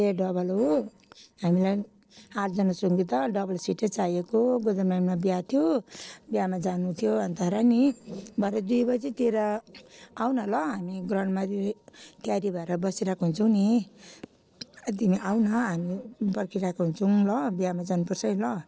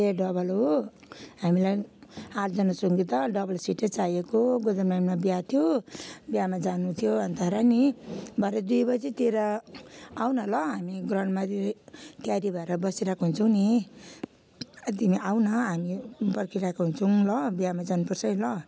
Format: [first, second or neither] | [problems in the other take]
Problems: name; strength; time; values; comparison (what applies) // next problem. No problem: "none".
second | noise reduction (neural separator model SepFormer DNS4)